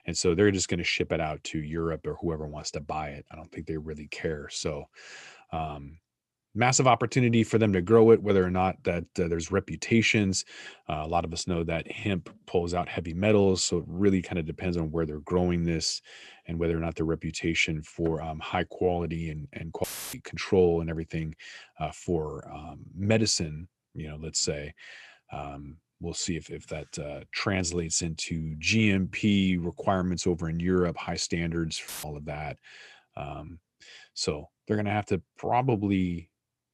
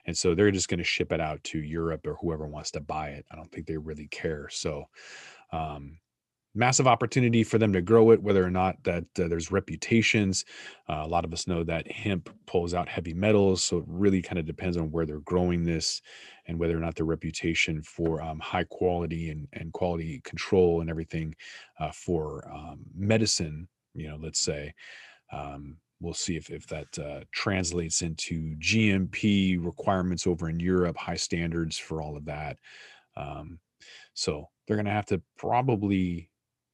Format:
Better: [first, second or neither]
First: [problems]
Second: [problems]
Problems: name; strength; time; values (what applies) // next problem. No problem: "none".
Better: second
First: audio cutting out; filled with static; at 20 s and at 32 s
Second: none